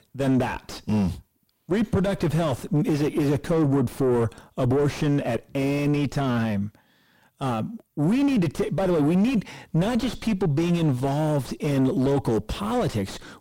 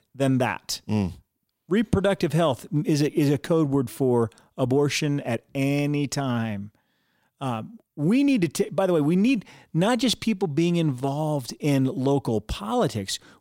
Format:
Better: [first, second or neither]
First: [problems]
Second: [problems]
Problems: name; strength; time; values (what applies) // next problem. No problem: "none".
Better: second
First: distortion; heavy; 4 dB below the speech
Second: none